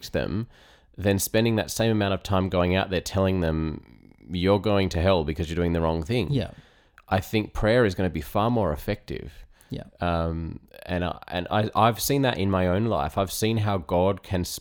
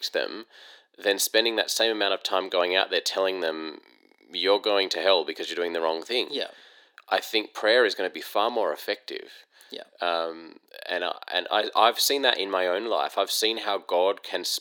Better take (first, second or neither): first